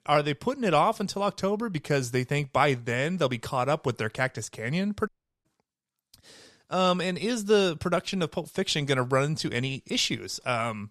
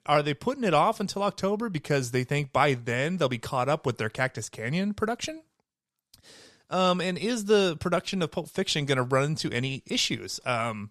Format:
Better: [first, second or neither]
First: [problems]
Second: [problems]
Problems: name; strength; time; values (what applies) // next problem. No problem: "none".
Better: second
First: audio cutting out; at 5 s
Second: none